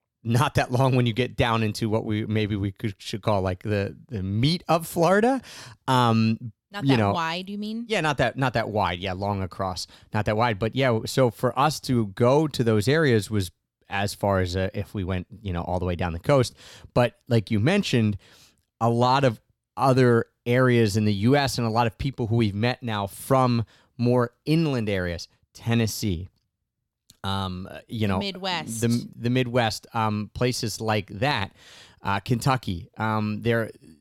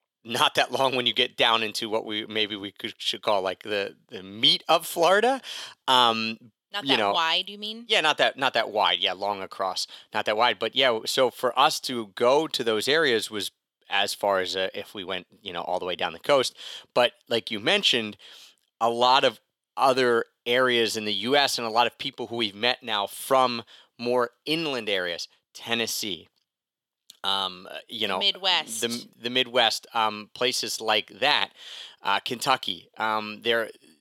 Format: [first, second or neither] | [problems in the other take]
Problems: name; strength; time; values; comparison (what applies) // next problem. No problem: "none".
first | thin; somewhat; fading below 450 Hz